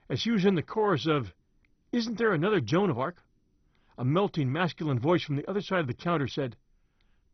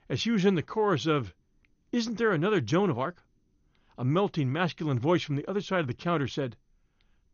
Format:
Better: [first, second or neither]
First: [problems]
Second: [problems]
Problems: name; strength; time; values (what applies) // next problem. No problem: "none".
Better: second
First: garbled, watery; badly; nothing above 6 kHz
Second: garbled, watery; slightly; nothing above 6.5 kHz